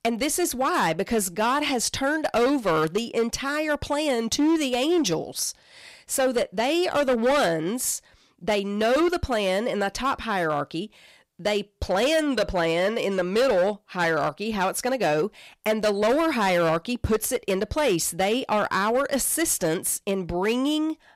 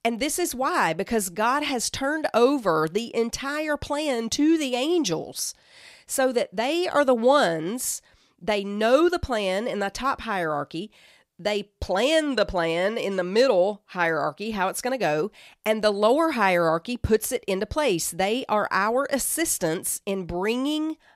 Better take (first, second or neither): second